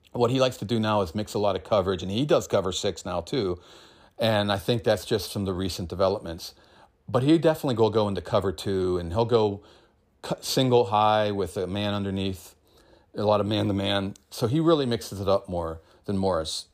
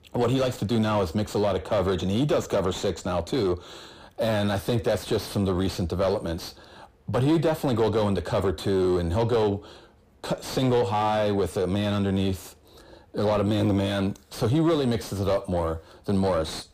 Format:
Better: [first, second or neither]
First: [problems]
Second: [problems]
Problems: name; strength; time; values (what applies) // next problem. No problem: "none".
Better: first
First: none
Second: distortion; heavy; 7 dB below the speech